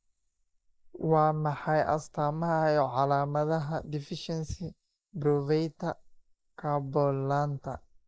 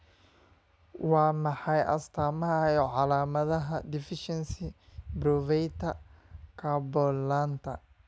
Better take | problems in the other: second | noise reduction (neural mask model Resemble Enhance denoiser)

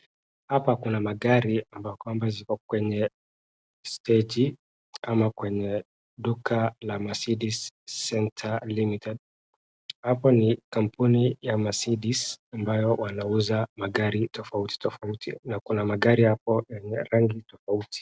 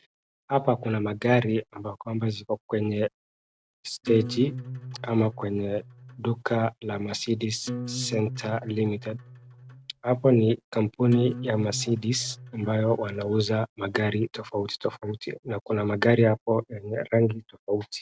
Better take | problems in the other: first | background sound (Acoustic guitar); 11 dB below the speech

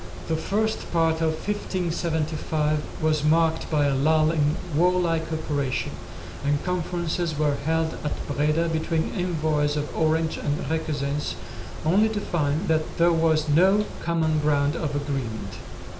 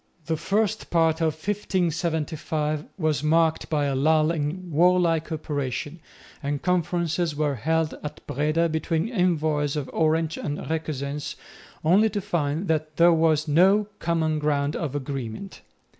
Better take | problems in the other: second | background sound (Mechanisms); 9 dB below the speech // room echo; dies away in 1.2 s

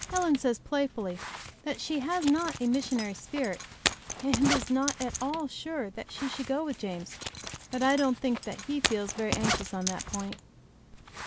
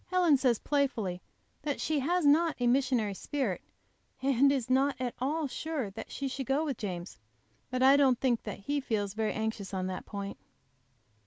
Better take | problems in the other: second | background sound (Zipper (clothing)); 6 dB below the speech

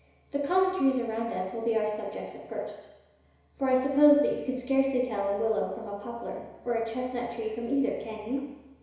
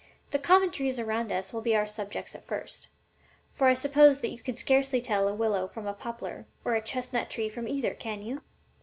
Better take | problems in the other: second | room echo; dies away in 1 s

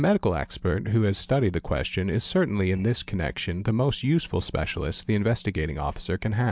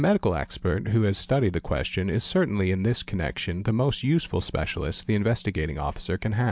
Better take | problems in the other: second | noise reduction (neural separator model SepFormer DNS4)

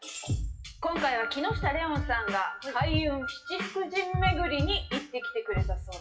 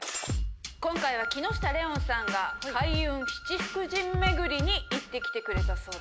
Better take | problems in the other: second | noise reduction (classical method WPE with log-MMSE)

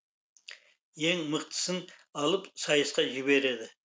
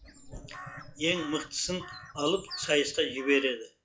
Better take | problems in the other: first | noise reduction (classical method log-MMSE)

